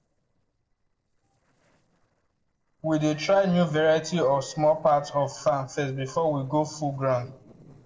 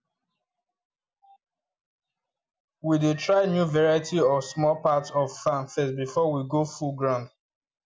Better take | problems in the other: second | noise reduction (neural separator model SepFormer DNS4)

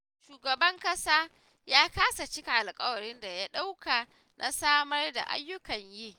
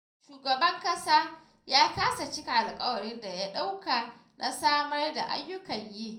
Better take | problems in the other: first | room echo; dies away in 0.5 s

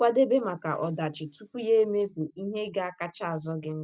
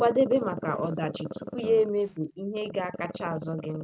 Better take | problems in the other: first | background sound (Growling); 10 dB below the speech

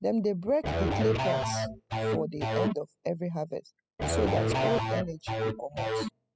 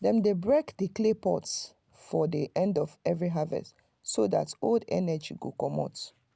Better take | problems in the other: second | noise reduction (classical method spectral subtraction)

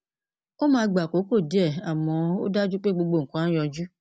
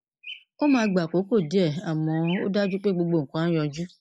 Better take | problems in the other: first | noise reduction (neural mask model Resemble Enhance denoiser)

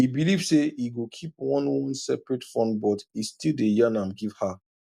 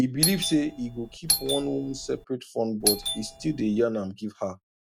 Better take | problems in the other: first | background sound (Doorbell); 2 dB below the speech

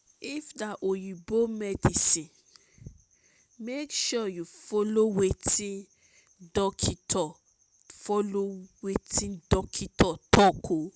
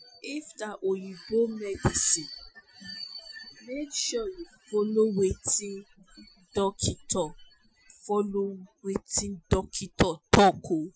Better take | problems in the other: first | noise reduction (classical method Wiener filter)

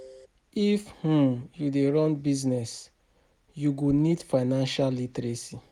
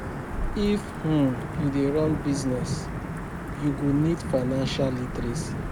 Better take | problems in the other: first | background sound (Thunder / Wind / Rain); 4 dB below the speech

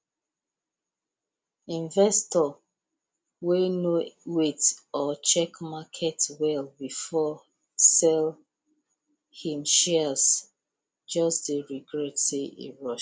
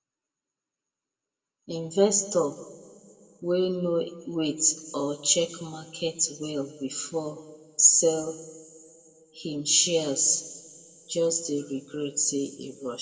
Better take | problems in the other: first | room echo; dies away in 1.6 s

